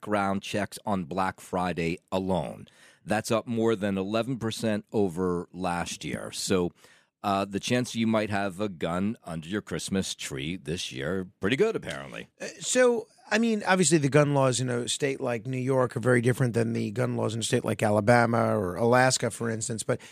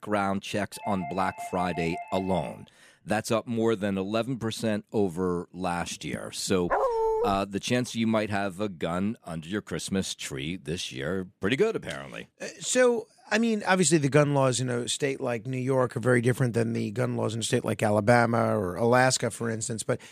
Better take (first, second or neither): first